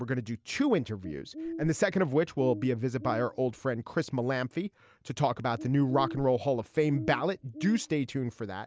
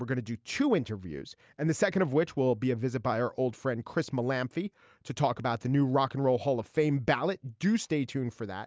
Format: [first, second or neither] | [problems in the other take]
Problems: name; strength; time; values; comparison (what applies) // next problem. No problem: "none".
second | background sound (Bird); 15 dB below the speech